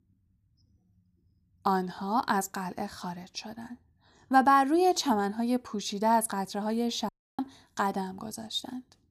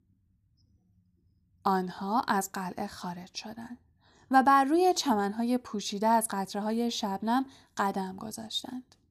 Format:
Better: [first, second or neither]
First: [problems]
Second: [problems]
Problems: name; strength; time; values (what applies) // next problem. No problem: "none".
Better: second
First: audio cutting out; at 7 s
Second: none